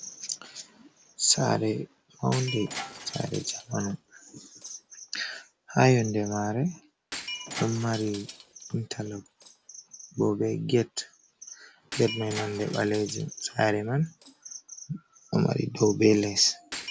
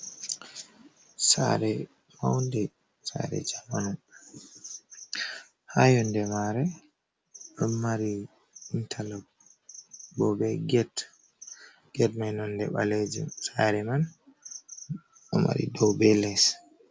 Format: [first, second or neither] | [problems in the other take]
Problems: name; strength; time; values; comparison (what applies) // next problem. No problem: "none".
second | background sound (Shatter); 16 dB below the speech